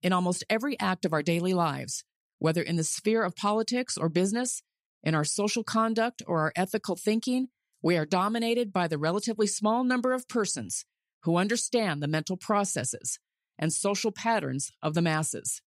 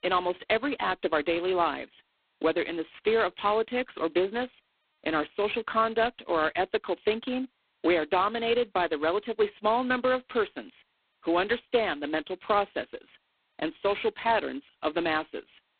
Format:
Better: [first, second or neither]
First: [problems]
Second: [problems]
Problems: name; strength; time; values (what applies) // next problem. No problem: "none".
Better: first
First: none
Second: phone-call audio; poor line; nothing above 4 kHz